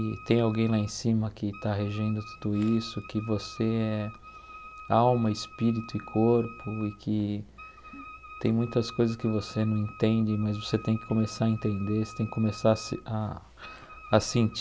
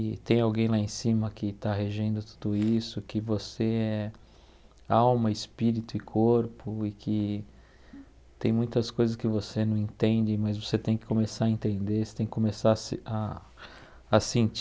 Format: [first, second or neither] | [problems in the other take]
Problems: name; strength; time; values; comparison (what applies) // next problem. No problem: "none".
second | background sound (Wind instrument, woodwind instrument); 19 dB below the speech